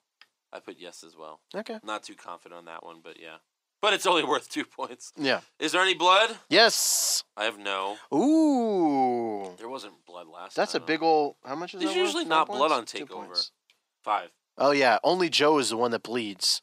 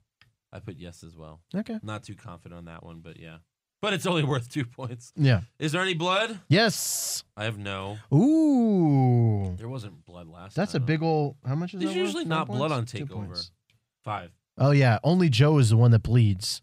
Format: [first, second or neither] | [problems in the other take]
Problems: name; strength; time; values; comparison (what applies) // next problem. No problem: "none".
second | thin; very; fading below 300 Hz